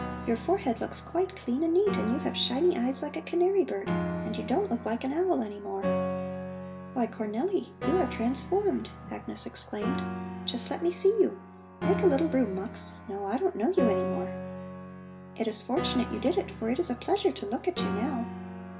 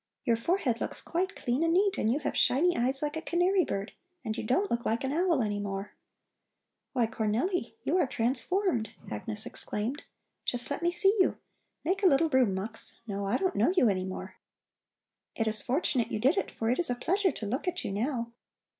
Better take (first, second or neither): second